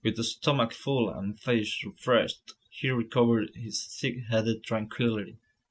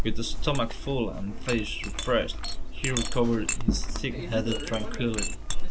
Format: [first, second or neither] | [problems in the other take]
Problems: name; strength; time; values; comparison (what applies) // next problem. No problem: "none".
first | background sound (Chink, clink); 3 dB above the speech